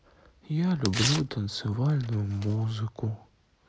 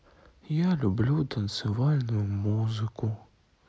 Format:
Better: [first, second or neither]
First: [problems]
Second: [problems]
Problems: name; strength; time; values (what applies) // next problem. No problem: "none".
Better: second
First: background sound (Tearing); 8 dB below the speech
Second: none